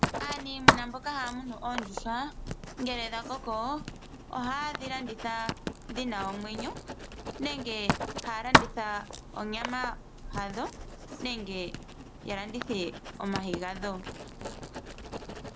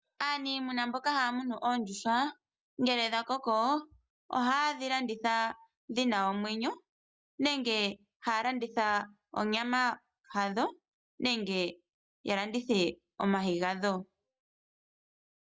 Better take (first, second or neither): second